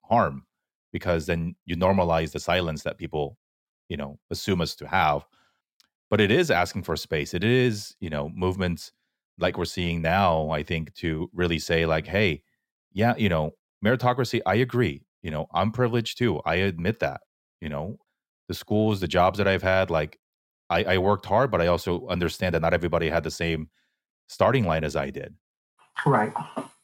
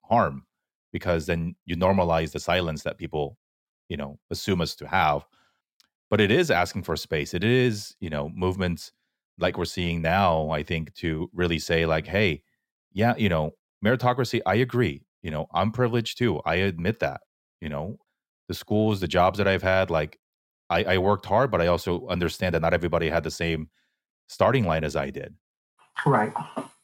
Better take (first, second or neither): neither